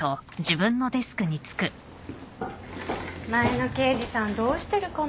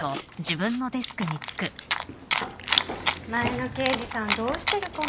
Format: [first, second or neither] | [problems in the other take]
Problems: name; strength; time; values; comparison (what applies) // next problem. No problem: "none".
first | background sound (Chewing, mastication); 1 dB below the speech